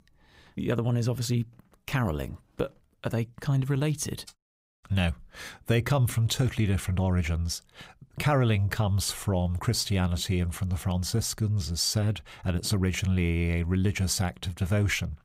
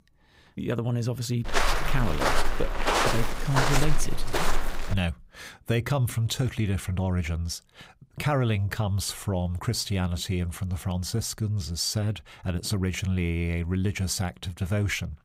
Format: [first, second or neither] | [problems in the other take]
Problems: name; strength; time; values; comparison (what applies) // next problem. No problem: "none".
first | footsteps; loud; from 1.5 to 5 s; peak 5 dB above the speech